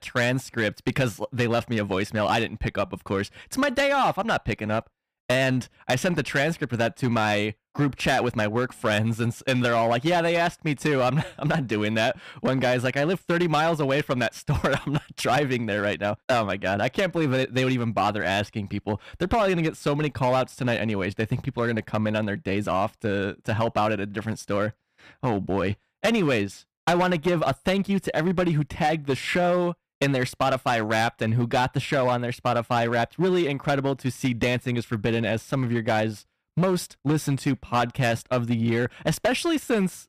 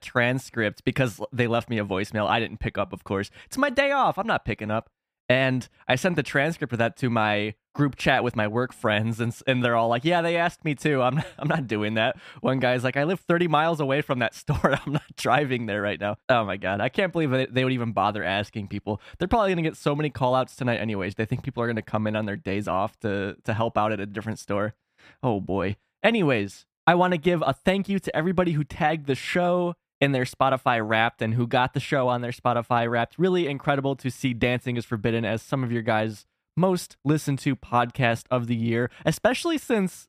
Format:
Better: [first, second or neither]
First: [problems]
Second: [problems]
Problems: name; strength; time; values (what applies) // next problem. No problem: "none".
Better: second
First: distortion; slight; 8% of the sound clipped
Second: none